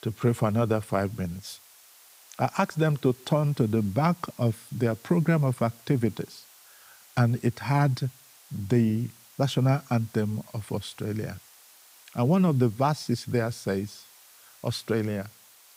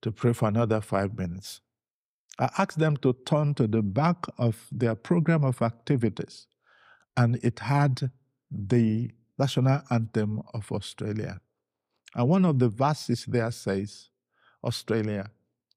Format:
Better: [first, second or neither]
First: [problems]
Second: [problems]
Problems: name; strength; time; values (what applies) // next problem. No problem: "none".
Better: second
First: hiss; faint; throughout; 25 dB below the speech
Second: none